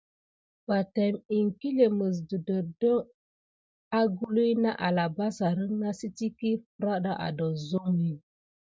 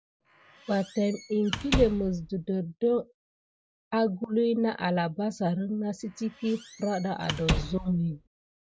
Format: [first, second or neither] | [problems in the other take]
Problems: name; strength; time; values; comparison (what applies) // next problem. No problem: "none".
first | background sound (Squeak / Slam); 6 dB below the speech